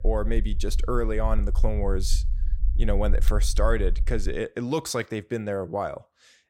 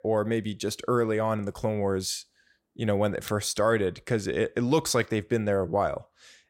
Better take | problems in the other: second | low rumble; faint; until 4.5 s; 20 dB below the speech

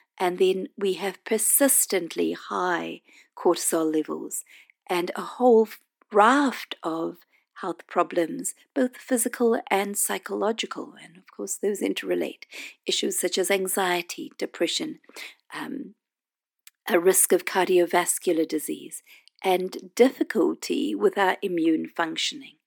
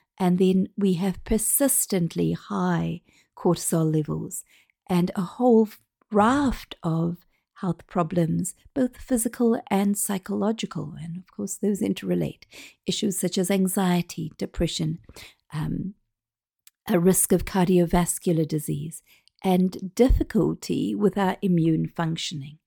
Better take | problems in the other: second | thin; somewhat; fading below 250 Hz

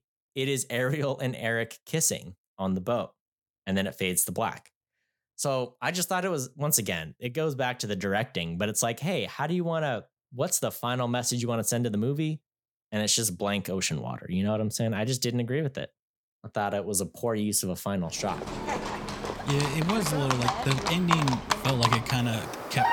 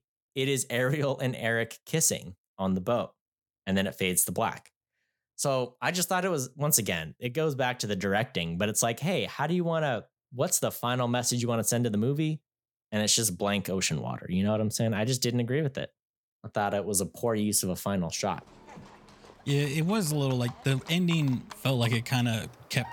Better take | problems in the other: second | animal sounds; loud; from 18 s on; 2 dB below the speech; faint in the second

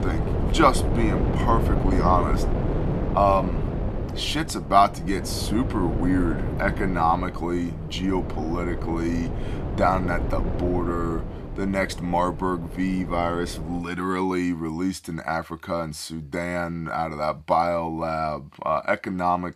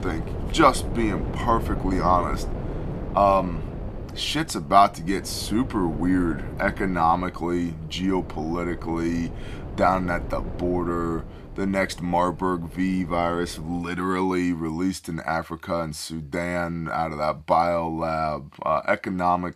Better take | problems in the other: second | wind noise on the microphone; heavy; until 14 s; 9 dB below the speech; occasional gusts in the second

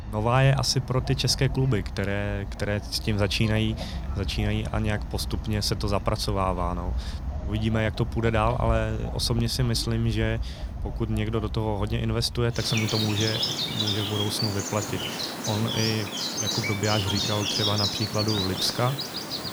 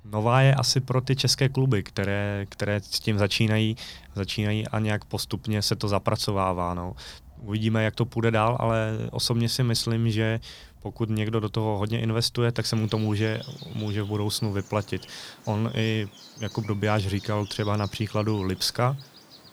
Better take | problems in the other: second | animal sounds; loud; throughout; 4 dB below the speech; faint in the second

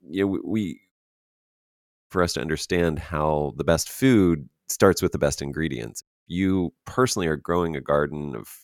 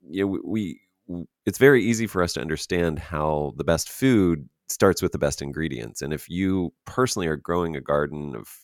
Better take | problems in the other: second | audio cutting out; at 1 s for 1 s and at 6 s

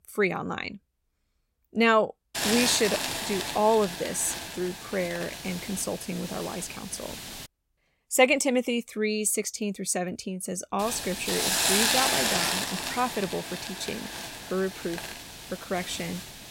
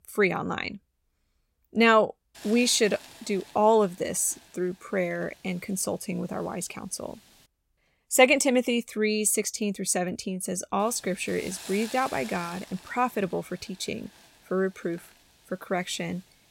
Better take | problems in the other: second | hiss; loud; from 2.5 to 7.5 s and from 11 s on; 1 dB below the speech; faint in the second

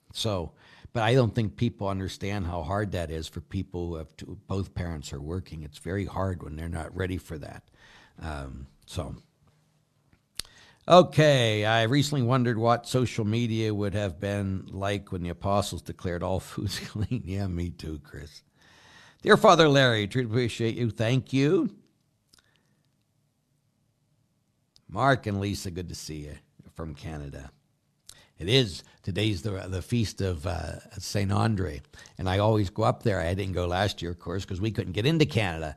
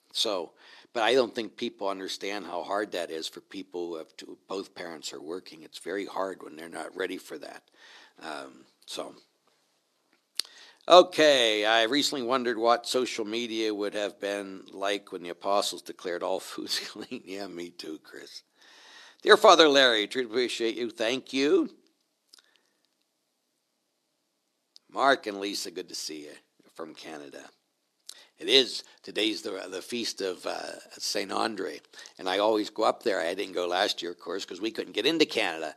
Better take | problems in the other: first | thin; somewhat; fading below 300 Hz

